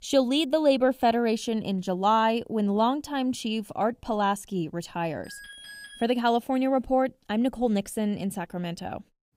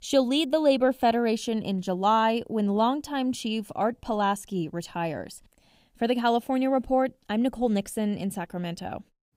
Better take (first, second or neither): second